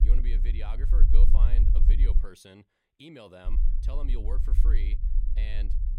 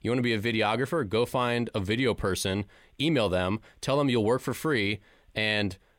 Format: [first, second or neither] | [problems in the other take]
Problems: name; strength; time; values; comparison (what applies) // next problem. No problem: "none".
second | low rumble; loud; until 2 s and from 3.5 s on; 4 dB below the speech